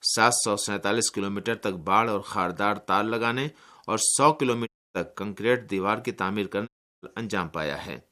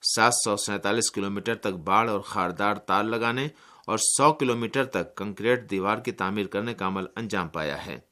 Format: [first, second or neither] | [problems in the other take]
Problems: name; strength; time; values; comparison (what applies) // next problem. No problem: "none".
second | audio cutting out; at 4.5 s and at 6.5 s